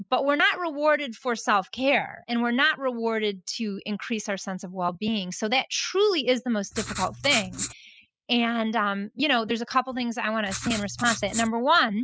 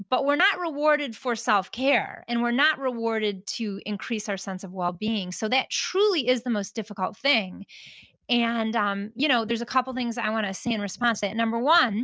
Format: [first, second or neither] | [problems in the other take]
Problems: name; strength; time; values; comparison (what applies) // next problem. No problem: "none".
second | noise reduction (classical method spectral subtraction)